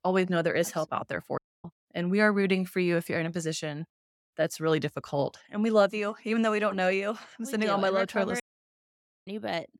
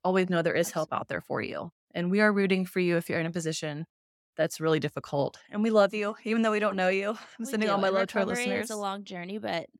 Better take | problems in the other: second | audio cutting out; at 1.5 s and at 8.5 s for 1 s

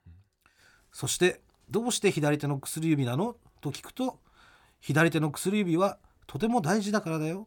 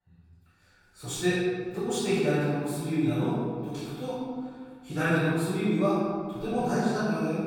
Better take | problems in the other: first | off-mic speech; far // room echo; strong; dies away in 1.7 s

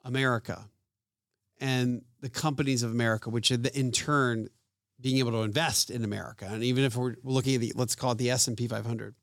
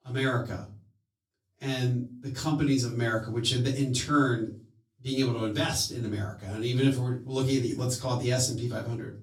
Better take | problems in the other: first | off-mic speech; far // room echo; slight; dies away in 0.3 s

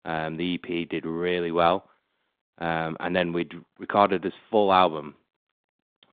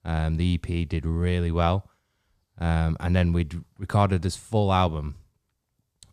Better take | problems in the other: second | phone-call audio; nothing above 3.5 kHz

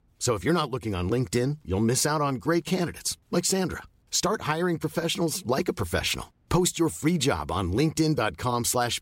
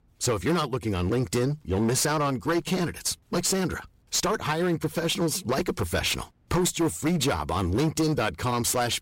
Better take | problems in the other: first | distortion; slight; 13% of the sound clipped

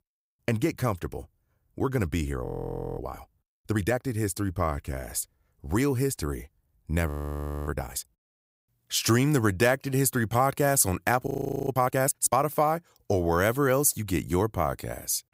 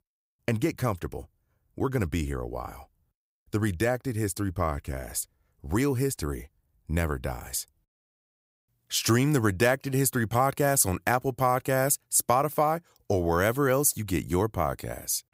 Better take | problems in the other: second | audio freezing; at 2.5 s for 0.5 s, at 7 s for 0.5 s and at 11 s

